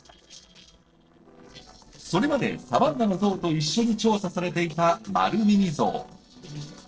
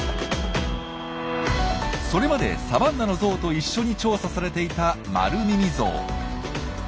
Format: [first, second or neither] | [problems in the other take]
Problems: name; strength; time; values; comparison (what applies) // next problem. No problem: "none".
second | noise reduction (neural separator model SepFormer DNS4)